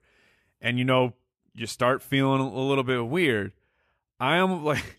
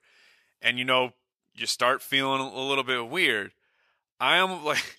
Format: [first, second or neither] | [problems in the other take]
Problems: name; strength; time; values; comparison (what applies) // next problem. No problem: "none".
first | thin; somewhat; fading below 1 kHz